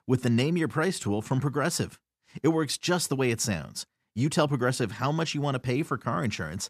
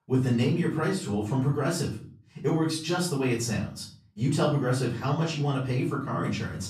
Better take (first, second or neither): first